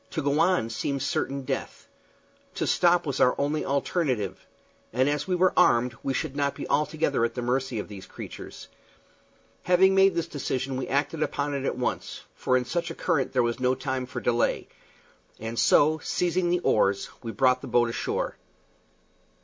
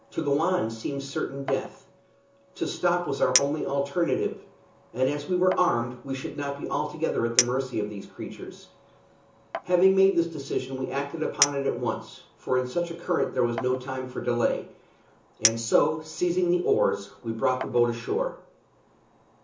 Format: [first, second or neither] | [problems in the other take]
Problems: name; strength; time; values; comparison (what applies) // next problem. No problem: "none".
first | background sound (Chink, clink); 10 dB below the speech // room echo; dies away in 0.8 s